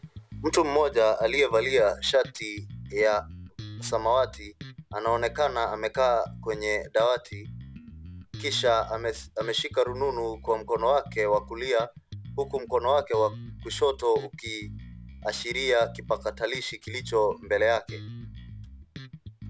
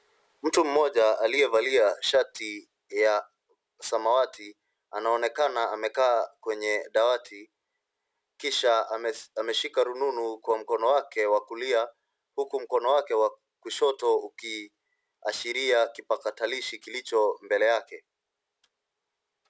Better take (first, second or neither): second